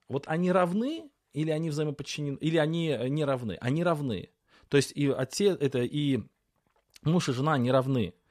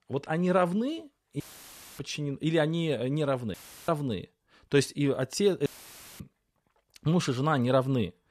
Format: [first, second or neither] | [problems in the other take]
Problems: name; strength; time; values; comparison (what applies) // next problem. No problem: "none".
first | audio cutting out; filled with static; at 1.5 s for 0.5 s, at 3.5 s and at 5.5 s for 0.5 s